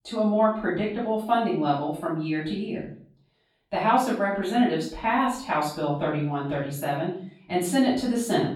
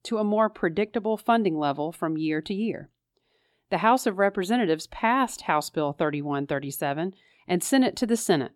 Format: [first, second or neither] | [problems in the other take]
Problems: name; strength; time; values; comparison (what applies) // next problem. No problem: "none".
second | off-mic speech; far // room echo; noticeable; dies away in 0.5 s